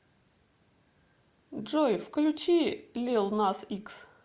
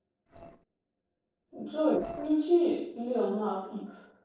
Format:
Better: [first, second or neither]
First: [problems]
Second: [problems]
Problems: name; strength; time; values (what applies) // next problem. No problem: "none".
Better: first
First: none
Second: noise reduction (neural separator model SepFormer DNS4)